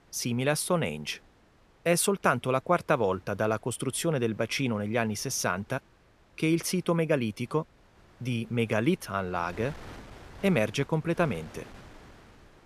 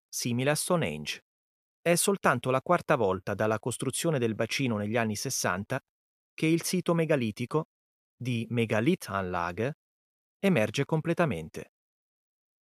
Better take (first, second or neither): second